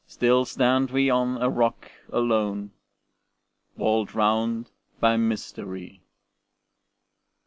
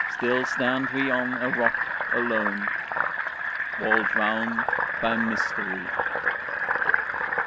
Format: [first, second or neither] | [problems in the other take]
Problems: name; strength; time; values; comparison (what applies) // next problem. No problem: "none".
first | background sound (Fill (with liquid)); 4 dB above the speech